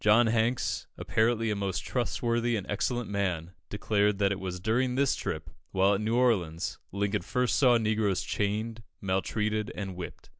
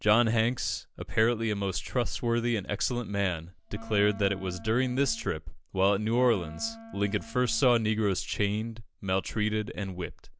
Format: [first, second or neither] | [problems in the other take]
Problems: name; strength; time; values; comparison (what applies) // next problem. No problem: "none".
first | background sound (Wind instrument, woodwind instrument); 18 dB below the speech